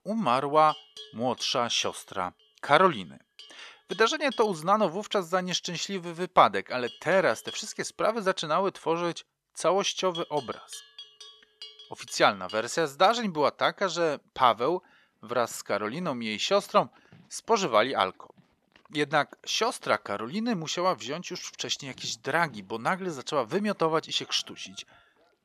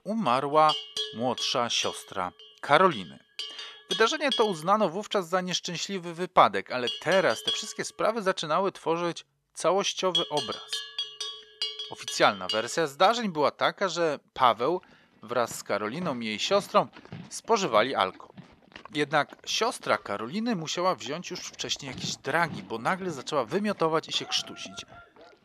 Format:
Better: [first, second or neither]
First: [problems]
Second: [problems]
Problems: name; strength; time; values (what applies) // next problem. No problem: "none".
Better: first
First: animal sounds; faint; throughout; 20 dB below the speech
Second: animal sounds; loud; throughout; 8 dB below the speech